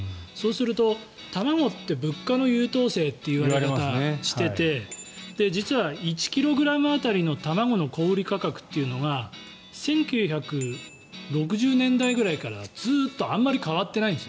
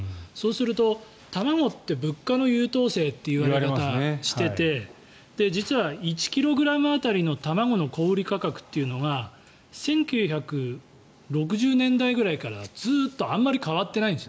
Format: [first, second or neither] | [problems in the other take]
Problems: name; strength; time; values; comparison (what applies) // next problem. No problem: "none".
second | background sound (Guitar + Bicycle bell); 18 dB below the speech